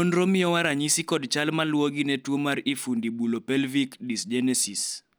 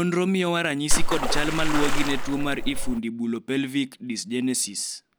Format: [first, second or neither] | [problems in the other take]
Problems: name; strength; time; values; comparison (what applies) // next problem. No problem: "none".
first | background sound (Water / Splash, splatter); 5 dB above the speech